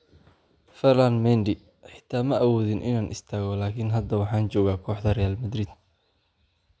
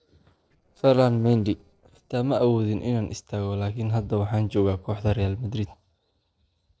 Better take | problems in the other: first | noise reduction (neural separator model SepFormer DNS4)

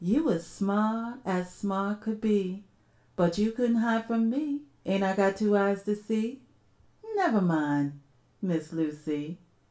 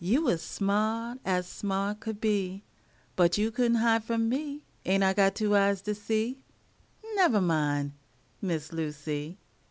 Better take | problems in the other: second | room echo; dies away in 0.3 s

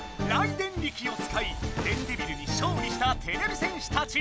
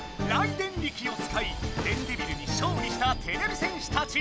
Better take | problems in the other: first | background sound (Subway, metro, underground + Slam); 16 dB below the speech

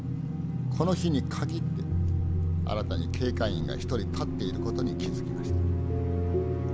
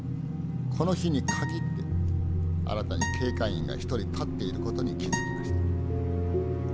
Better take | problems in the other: first | background sound (Acoustic guitar); 11 dB below the speech

